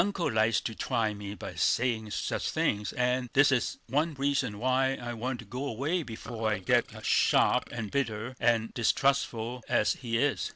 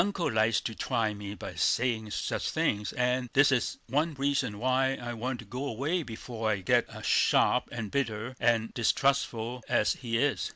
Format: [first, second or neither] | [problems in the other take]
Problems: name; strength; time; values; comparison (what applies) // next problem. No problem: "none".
second | noise reduction (neural separator model SepFormer DNS4)